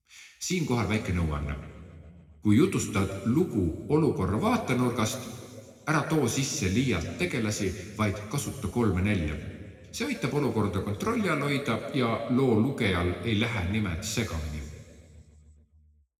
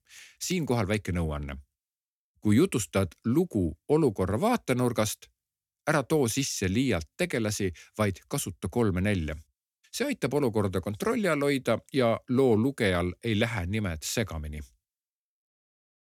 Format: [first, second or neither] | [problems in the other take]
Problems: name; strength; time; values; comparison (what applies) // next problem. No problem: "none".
second | room echo; slight; dies away in 1.9 s